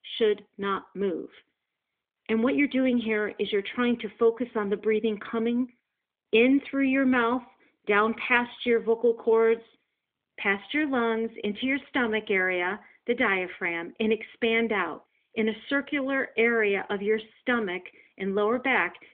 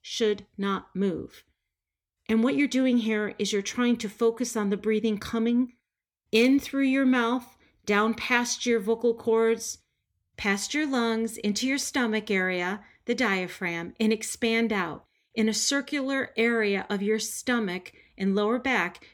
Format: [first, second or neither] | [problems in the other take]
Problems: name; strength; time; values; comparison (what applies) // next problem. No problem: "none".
second | phone-call audio; nothing above 3.5 kHz